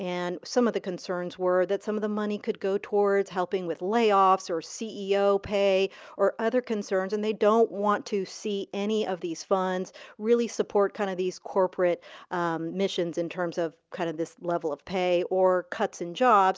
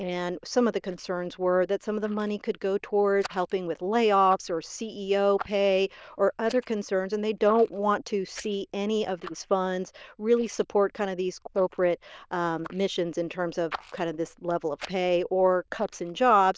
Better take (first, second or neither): first